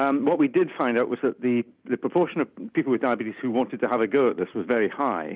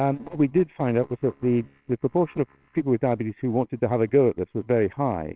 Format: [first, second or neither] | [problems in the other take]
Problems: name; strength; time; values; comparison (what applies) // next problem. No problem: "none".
first | noise reduction (neural separator model SepFormer WHAMR!)